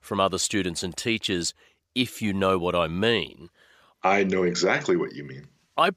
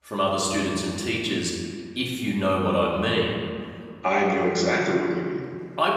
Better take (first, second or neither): first